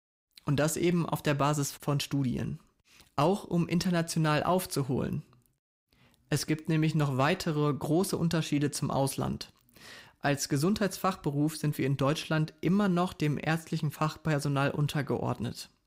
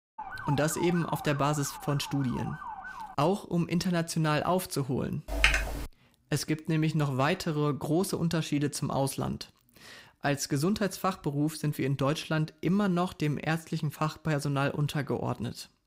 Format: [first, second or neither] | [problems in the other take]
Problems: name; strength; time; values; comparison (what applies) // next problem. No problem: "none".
first | siren; noticeable; until 3 s; peak 8 dB below the speech // keyboard typing; loud; at 5.5 s; peak 5 dB above the speech